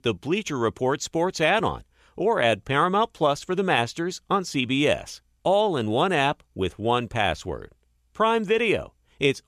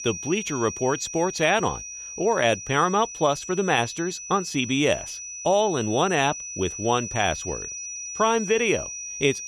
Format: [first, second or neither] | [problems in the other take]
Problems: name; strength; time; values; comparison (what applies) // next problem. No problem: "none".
first | high-pitched whine; loud; throughout; 6 kHz, 9 dB below the speech